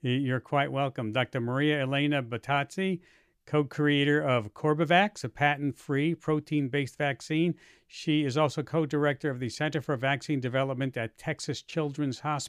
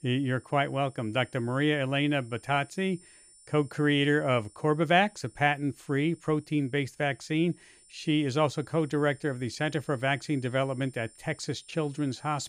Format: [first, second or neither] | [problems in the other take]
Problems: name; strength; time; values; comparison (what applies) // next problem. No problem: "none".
first | high-pitched whine; faint; throughout; 9 kHz, 25 dB below the speech